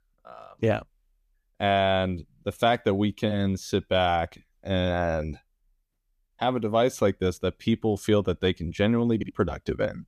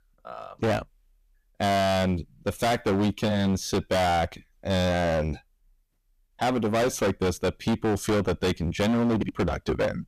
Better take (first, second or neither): first